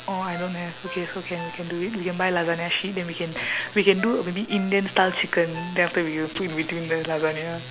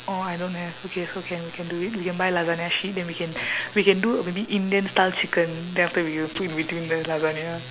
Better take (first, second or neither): second